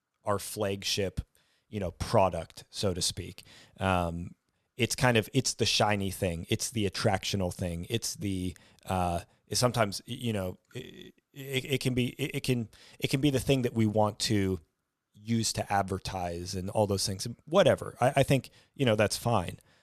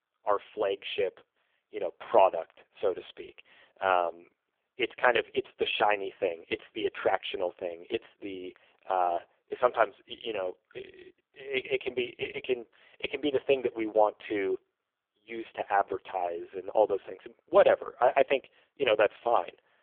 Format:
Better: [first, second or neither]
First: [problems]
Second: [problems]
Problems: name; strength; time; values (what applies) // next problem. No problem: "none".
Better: first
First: none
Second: phone-call audio; poor line; nothing above 3.5 kHz